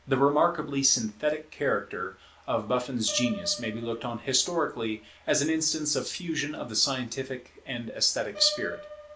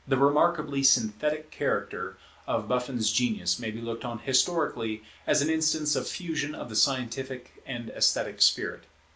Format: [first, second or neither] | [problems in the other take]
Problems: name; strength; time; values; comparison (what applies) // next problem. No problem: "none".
second | background sound (Piano); 17 dB below the speech